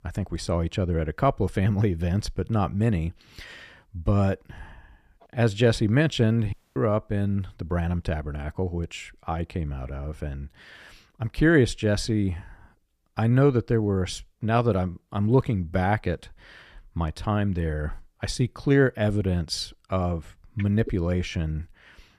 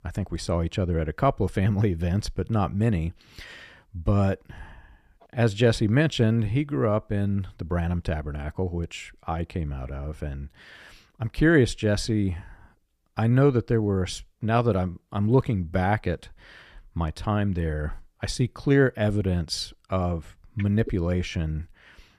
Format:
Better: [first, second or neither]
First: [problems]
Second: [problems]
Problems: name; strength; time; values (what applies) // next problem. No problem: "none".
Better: second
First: audio cutting out; at 6.5 s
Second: none